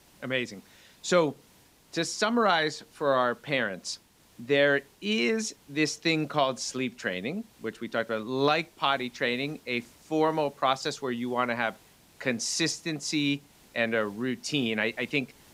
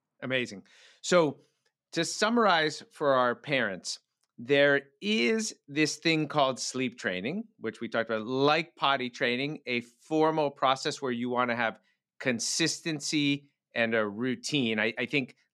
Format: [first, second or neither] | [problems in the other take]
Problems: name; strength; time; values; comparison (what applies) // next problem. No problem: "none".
second | hiss; faint; throughout; 30 dB below the speech